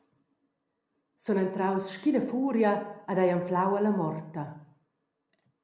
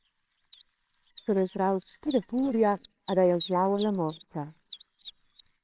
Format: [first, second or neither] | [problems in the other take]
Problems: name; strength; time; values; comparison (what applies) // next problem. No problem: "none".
first | noise reduction (neural separator model SepFormer WHAMR!)